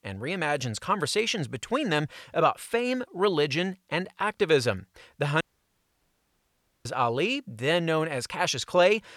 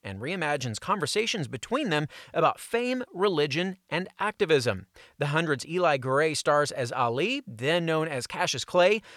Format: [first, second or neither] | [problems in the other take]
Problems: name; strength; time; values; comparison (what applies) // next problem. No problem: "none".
second | audio cutting out; at 5.5 s for 1.5 s